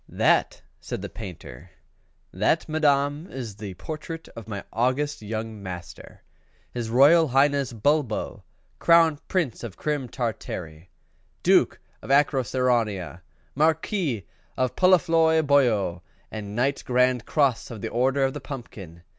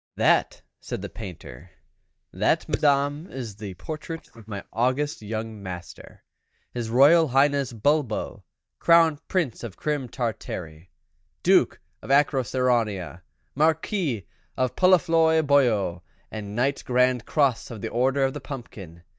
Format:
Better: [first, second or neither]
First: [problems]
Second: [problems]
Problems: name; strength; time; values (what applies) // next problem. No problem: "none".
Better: first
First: none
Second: noise reduction (neural mask model DeepFilterNet 3)